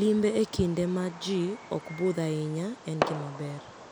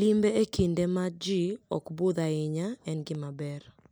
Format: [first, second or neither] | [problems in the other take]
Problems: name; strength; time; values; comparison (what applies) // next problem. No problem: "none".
second | background sound (Fireworks); 10 dB below the speech